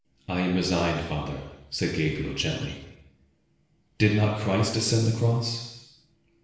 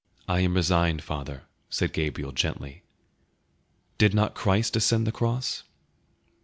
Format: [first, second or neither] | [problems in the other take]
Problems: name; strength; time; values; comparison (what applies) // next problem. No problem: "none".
second | room echo; dies away in 1 s